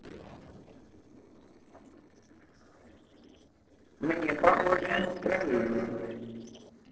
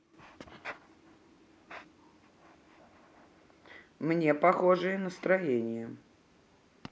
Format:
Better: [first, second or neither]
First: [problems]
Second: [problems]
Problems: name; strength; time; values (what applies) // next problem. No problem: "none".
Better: second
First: noise reduction (neural separator model SepFormer DNS4)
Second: none